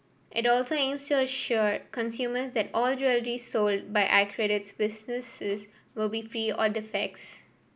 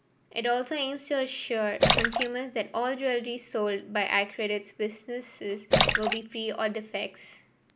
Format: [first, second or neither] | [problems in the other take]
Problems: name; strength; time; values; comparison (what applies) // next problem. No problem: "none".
first | background sound (Splash, splatter); 2 dB above the speech